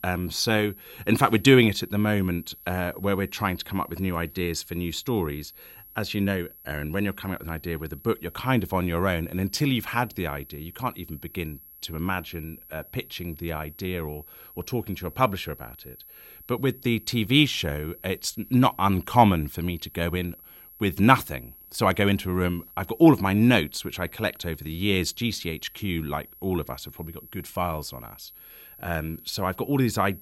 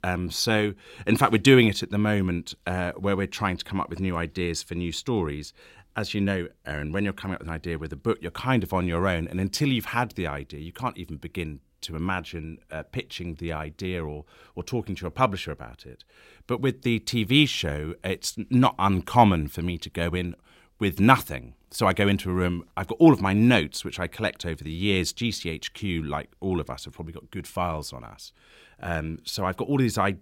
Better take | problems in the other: second | high-pitched whine; noticeable; throughout; 11.5 kHz, 20 dB below the speech

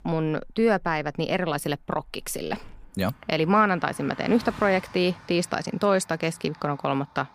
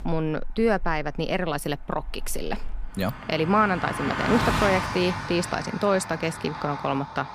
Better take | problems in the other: first | traffic noise; loud; throughout; 6 dB below the speech; faint in the first

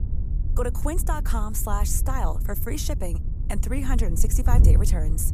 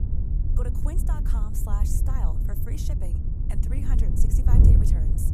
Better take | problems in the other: first | wind noise on the microphone; heavy; 2 dB above the speech; occasional gusts in the first

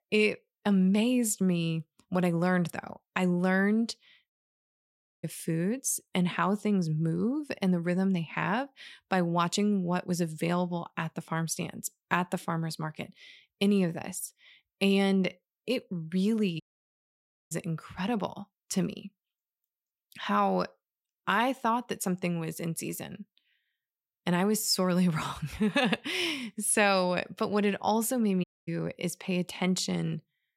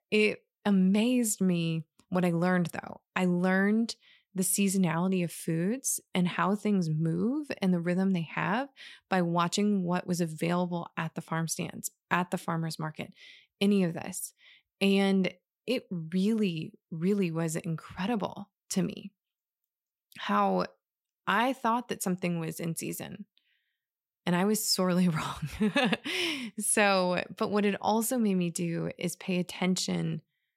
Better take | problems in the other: second | audio cutting out; at 4.5 s for 1 s, at 17 s for 1 s and at 28 s

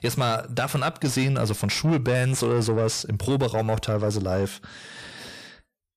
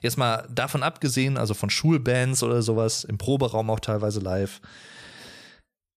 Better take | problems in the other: second | distortion; slight; 10 dB below the speech

